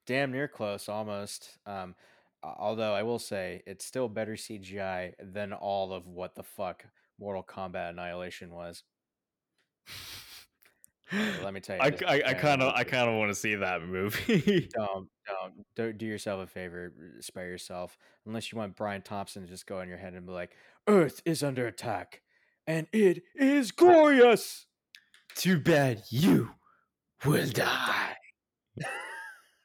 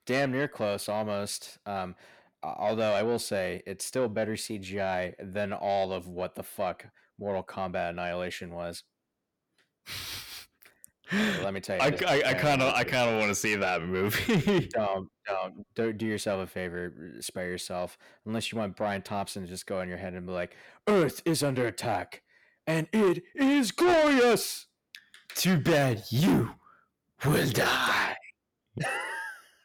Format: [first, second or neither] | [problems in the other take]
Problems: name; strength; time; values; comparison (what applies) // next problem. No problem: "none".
first | distortion; heavy; 7 dB below the speech